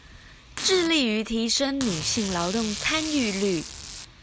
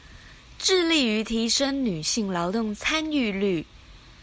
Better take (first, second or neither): second